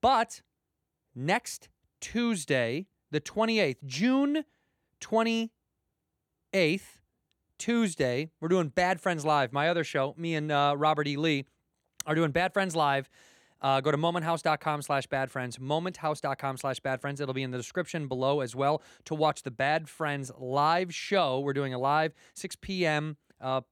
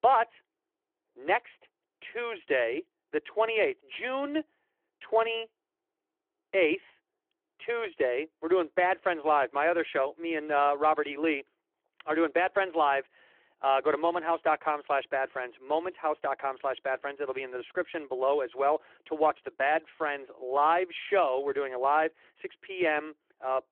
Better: first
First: none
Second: phone-call audio

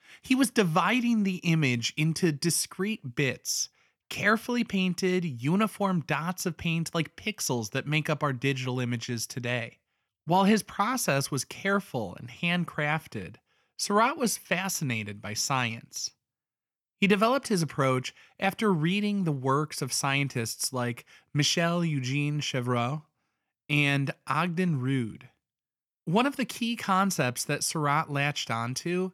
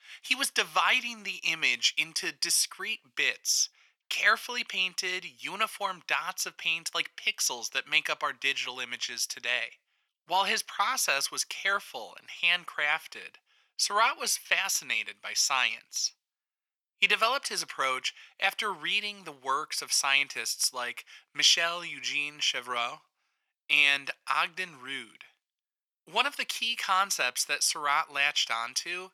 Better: first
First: none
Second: thin; very; fading below 800 Hz

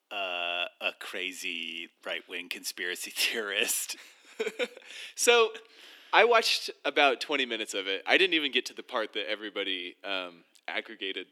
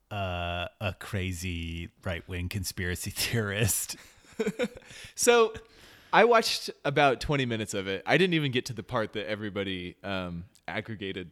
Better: second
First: thin; somewhat; fading below 250 Hz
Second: none

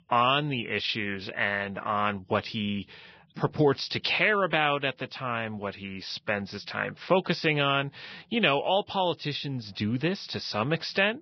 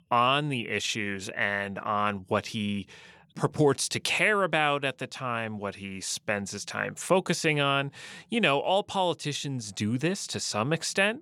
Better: second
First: garbled, watery; badly; nothing above 5.5 kHz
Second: none

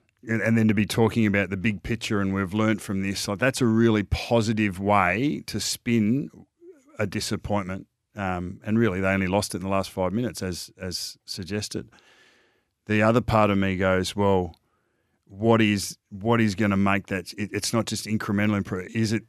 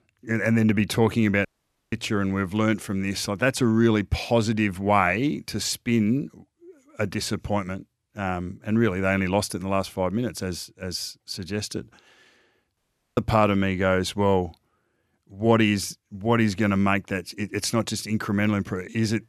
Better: first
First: none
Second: audio cutting out; at 1.5 s and at 13 s

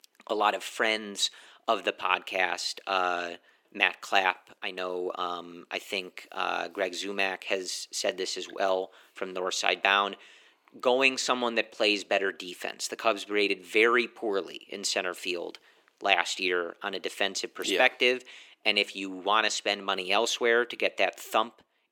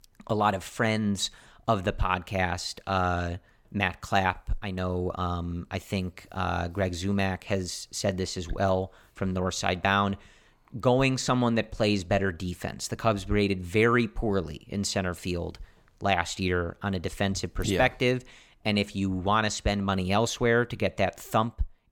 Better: second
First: thin; somewhat; fading below 350 Hz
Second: none

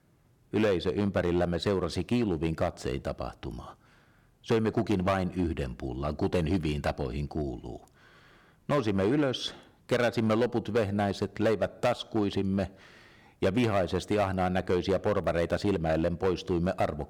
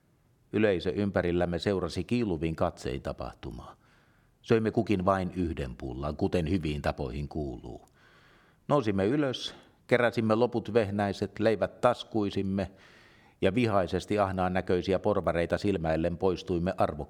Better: second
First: distortion; slight; 5% of the sound clipped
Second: none

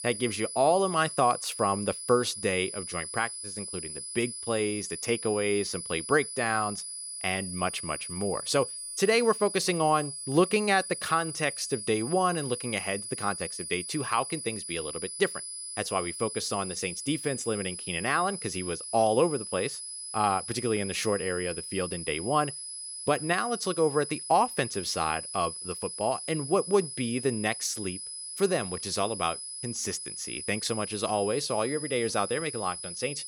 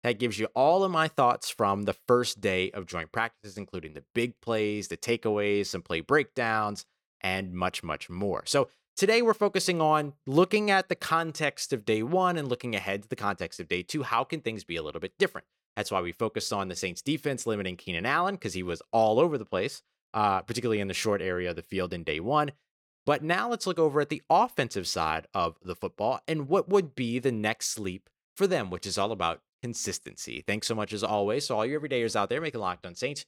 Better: second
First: high-pitched whine; loud; throughout; 10 kHz, 7 dB below the speech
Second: none

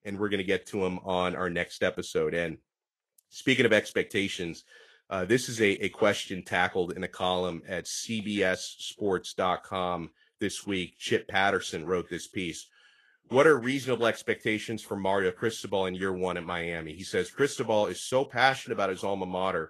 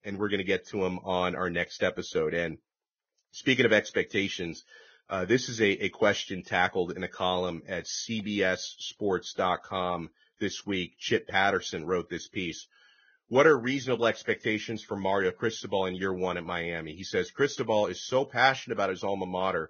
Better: first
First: garbled, watery; slightly; nothing above 12 kHz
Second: garbled, watery; badly; nothing above 6.5 kHz

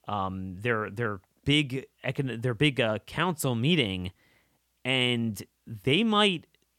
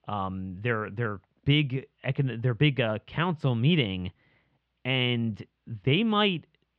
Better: first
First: none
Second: muffled; very slightly; fading above 3.5 kHz

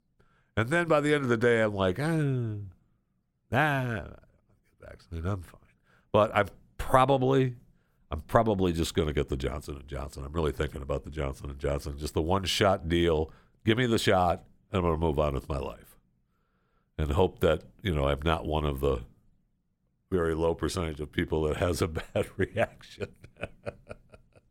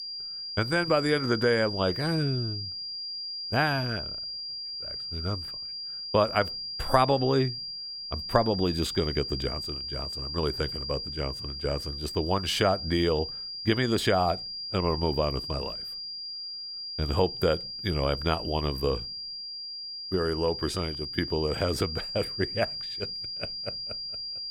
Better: first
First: none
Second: high-pitched whine; loud; throughout; 5 kHz, 5 dB below the speech

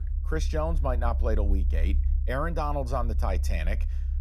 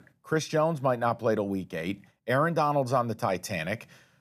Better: second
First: low rumble; noticeable; throughout; 15 dB below the speech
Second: none

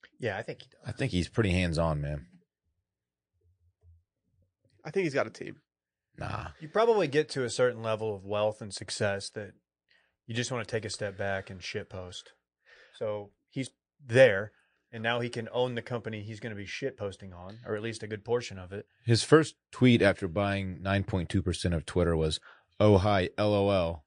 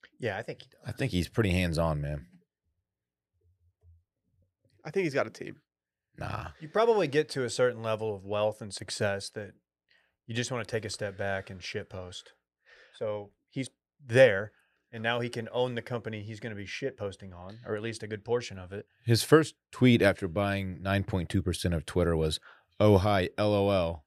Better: second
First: garbled, watery; slightly; nothing above 9 kHz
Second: none

